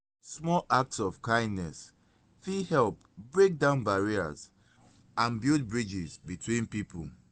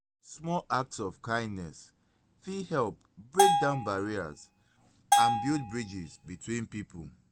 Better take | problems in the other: first | background sound (Bell); 5 dB above the speech

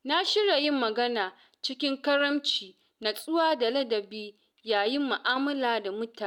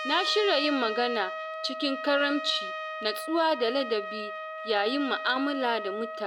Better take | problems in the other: first | background sound (Trumpet); 7 dB below the speech

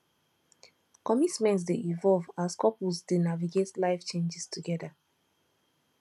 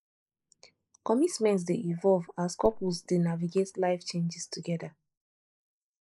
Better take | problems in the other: first | noise reduction (neural mask model Resemble Enhance denoiser)

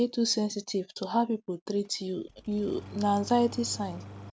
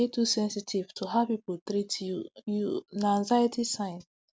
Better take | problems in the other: second | background sound (Engine starting); 16 dB below the speech

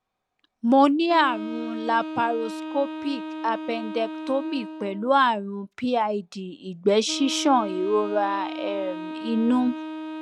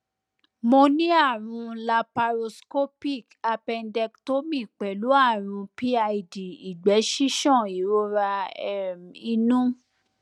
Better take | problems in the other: second | background sound (Wind instrument, woodwind instrument); 10 dB below the speech

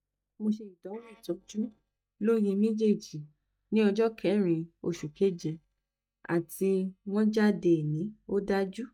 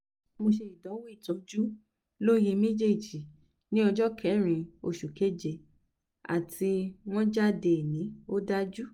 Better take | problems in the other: second | noise reduction (neural mask model DeepFilterNet 3)

